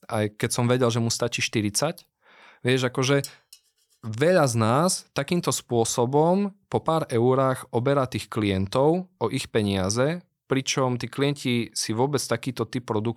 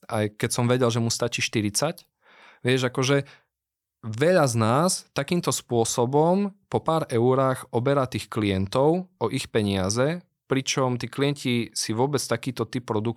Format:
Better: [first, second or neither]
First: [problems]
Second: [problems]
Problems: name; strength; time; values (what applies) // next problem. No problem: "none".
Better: second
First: clattering dishes; faint; at 3 s; peak 15 dB below the speech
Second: none